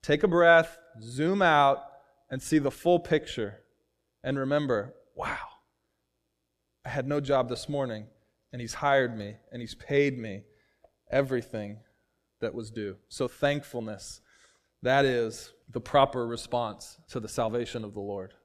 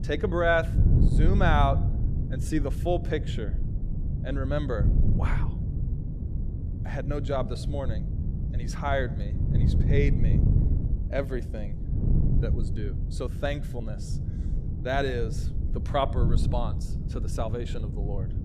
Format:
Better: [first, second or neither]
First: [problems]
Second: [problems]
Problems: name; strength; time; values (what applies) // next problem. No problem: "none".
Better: first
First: none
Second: wind noise on the microphone; occasional gusts; 10 dB below the speech